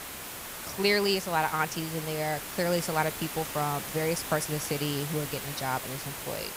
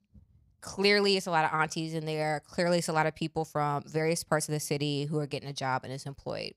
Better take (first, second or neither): second